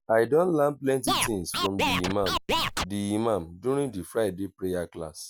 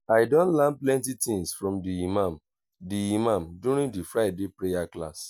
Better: second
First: background sound (Scratching (performance technique)); 1 dB below the speech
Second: none

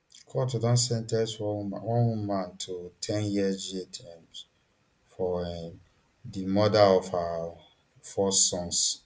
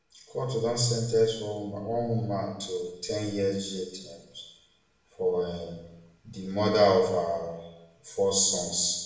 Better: first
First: none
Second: room echo; dies away in 0.8 s

